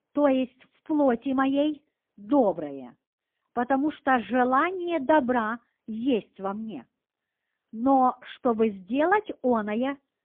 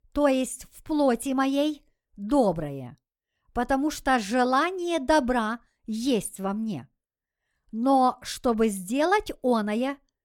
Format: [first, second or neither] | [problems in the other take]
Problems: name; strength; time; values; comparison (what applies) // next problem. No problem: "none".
second | phone-call audio; poor line; nothing above 3.5 kHz